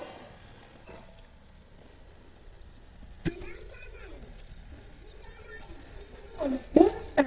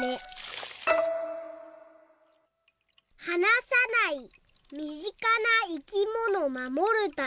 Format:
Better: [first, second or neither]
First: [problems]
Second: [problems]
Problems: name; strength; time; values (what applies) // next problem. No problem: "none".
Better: second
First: noise reduction (neural mask model DeepFilterNet 3)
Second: none